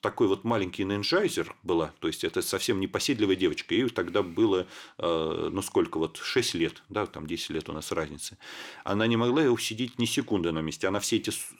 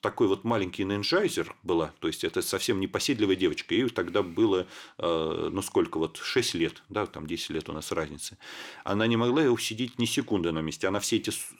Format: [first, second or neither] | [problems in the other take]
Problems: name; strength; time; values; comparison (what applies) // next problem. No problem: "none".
neither | none